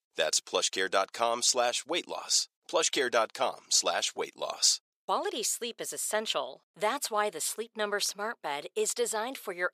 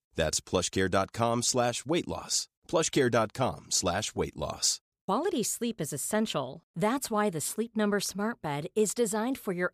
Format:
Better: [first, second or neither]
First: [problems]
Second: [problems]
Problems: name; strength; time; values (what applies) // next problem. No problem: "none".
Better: second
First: thin; very; fading below 550 Hz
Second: none